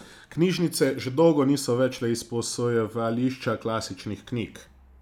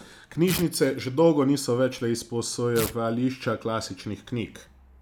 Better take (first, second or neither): first